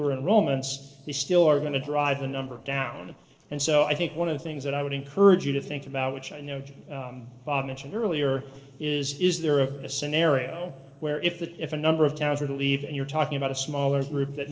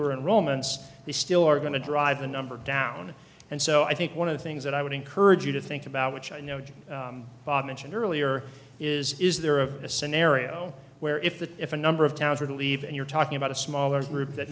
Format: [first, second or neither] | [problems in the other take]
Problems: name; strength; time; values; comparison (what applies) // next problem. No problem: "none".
second | noise reduction (neural separator model SepFormer DNS4)